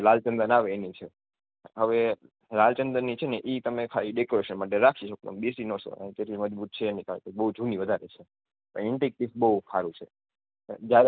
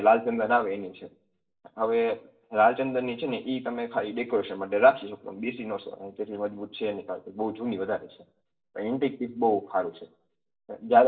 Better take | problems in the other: first | room echo; dies away in 0.4 s

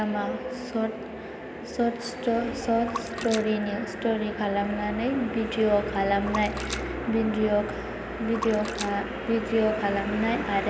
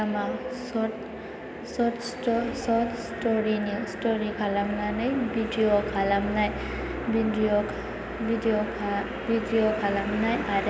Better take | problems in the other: second | background sound (Splash, splatter); 15 dB below the speech

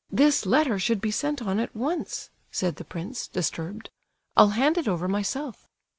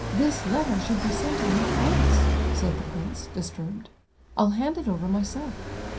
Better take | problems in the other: first | background sound (Car passing by); 1 dB above the speech // room echo; dies away in 0.3 s

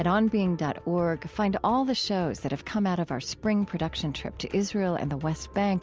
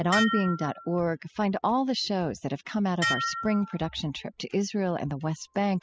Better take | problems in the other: first | noise reduction (classical method spectral subtraction)

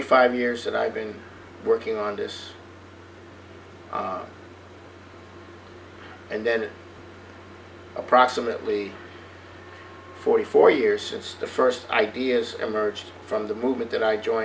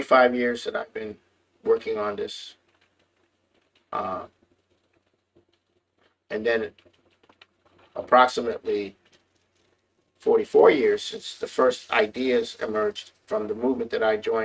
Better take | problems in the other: first | noise reduction (neural mask model RNNoise)

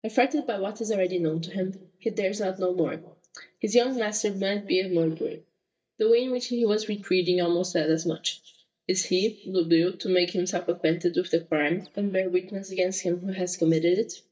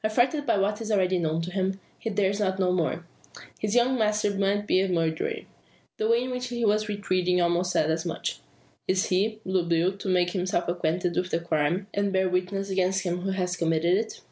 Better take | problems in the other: second | noise reduction (neural mask model DeepFilterNet 3)

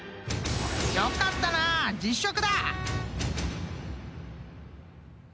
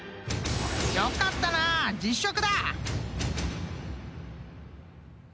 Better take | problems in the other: second | background sound (Wind instrument, woodwind instrument); 12 dB below the speech

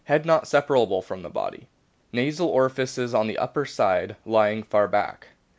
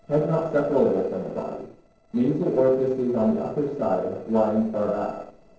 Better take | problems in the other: first | noise reduction (neural separator model SepFormer DNS4)

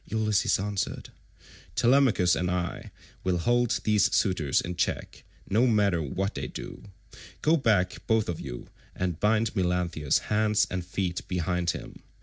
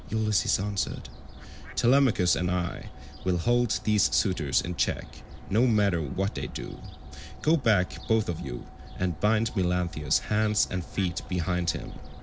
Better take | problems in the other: first | background sound (Fowl); 13 dB below the speech

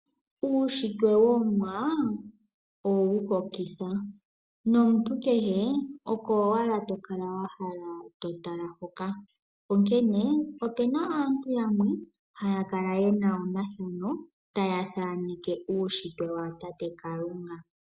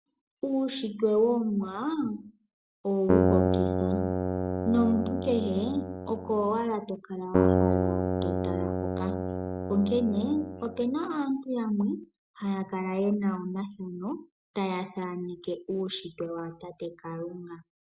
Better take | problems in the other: first | background sound (Keyboard (musical)); 2 dB above the speech

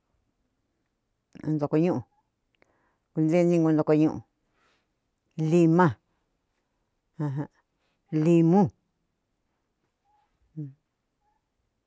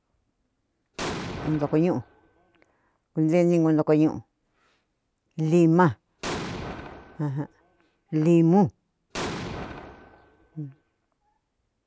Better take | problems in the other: first | background sound (Explosion); 11 dB below the speech

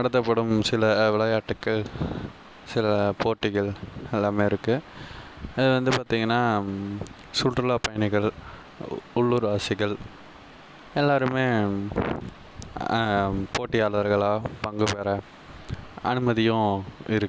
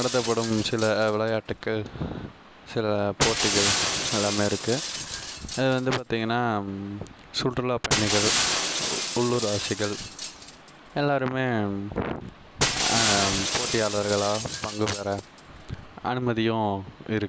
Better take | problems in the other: first | background sound (Shatter); 3 dB below the speech

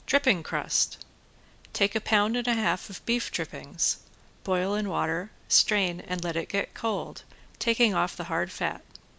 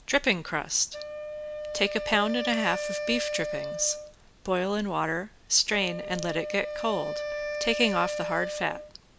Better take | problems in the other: first | background sound (Wind instrument, woodwind instrument); 6 dB below the speech

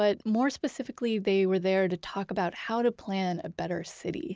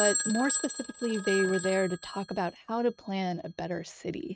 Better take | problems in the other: first | noise reduction (neural mask model RNNoise)

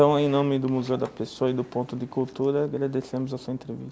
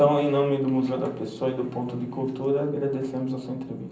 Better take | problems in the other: first | room echo; dies away in 0.6 s

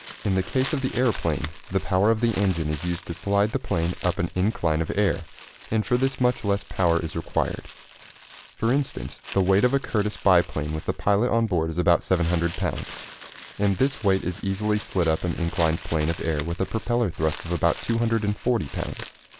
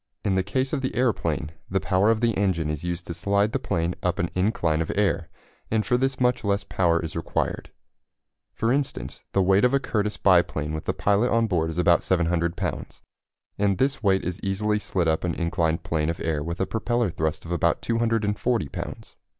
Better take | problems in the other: second | background sound (Crumpling, crinkling); 18 dB below the speech

